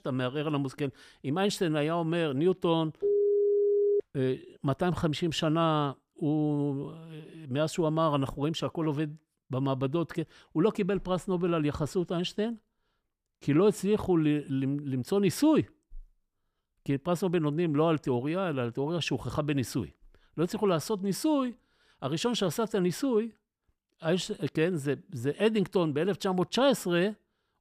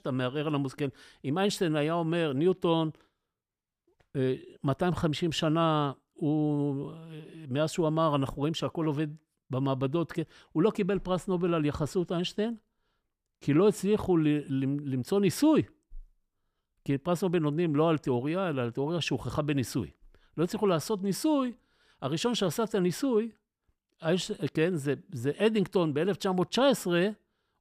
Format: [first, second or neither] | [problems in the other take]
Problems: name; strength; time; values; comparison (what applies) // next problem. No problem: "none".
second | phone ringing; loud; at 3 s; peak 4 dB above the speech